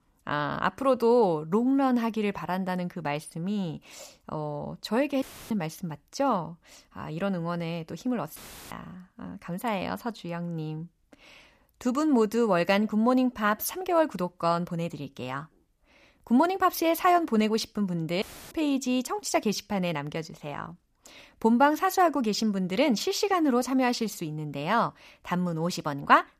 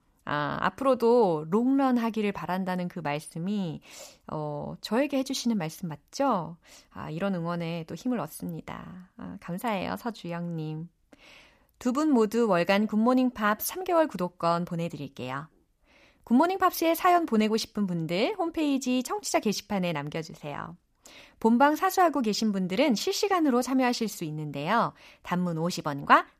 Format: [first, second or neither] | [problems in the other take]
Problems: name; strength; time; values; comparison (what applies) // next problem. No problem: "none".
second | audio cutting out; filled with static; at 5 s, at 8.5 s and at 18 s